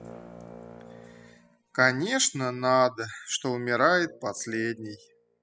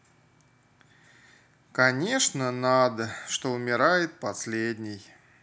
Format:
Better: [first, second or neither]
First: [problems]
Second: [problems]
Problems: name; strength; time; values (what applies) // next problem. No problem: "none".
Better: second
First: noise reduction (classical method spectral subtraction)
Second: none